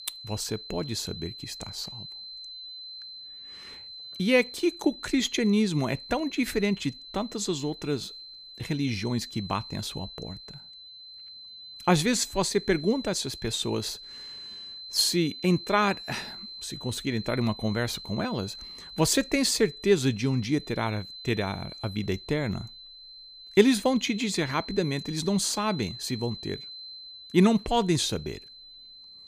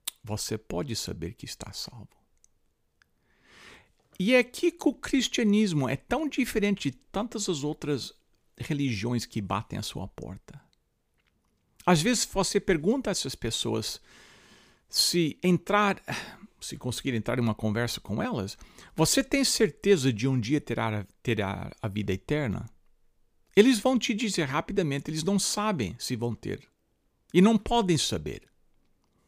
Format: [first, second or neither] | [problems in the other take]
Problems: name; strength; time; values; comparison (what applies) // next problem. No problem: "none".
second | high-pitched whine; noticeable; throughout; 4 kHz, 15 dB below the speech